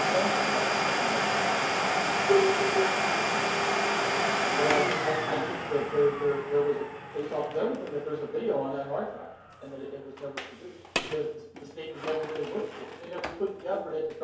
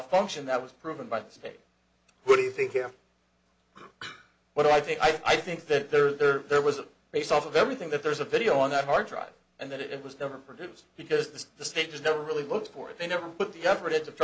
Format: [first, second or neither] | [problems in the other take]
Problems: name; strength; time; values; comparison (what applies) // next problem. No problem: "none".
second | background sound (Domestic sounds, home sounds); 1 dB above the speech // room echo; dies away in 2.4 s